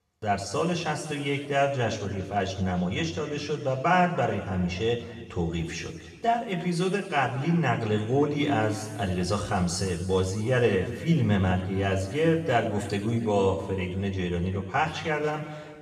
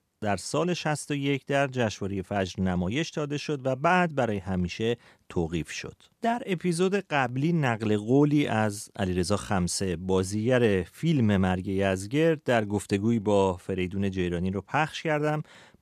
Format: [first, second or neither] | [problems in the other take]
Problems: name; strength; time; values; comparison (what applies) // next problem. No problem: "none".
second | room echo; noticeable; dies away in 2 s // off-mic speech; far